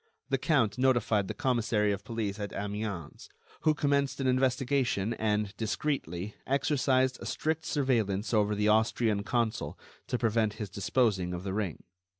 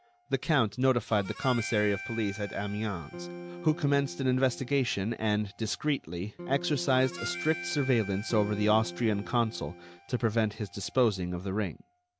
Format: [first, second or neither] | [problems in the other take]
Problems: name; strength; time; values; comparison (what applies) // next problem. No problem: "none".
first | background sound (Electric guitar / Strum + Harmonica); 14 dB below the speech